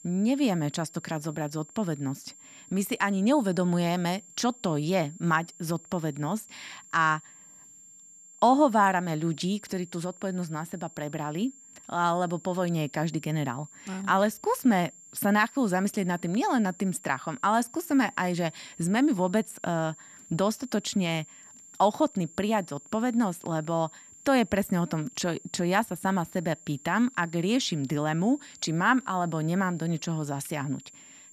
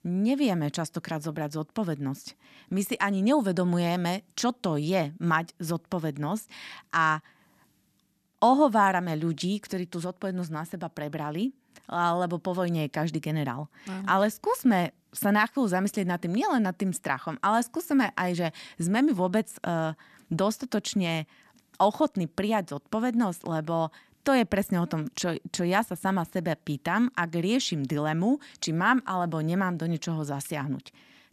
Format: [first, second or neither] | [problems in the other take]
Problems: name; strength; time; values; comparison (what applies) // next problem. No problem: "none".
second | high-pitched whine; faint; throughout; 7.5 kHz, 20 dB below the speech